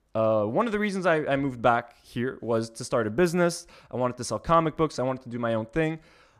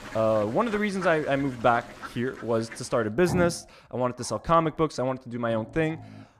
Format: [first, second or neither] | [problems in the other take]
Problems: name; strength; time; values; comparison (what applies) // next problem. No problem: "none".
first | animal sounds; noticeable; throughout; 15 dB below the speech